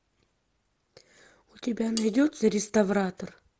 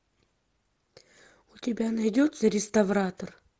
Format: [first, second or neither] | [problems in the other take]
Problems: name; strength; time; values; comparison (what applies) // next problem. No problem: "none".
second | background sound (Cutlery, silverware); 13 dB below the speech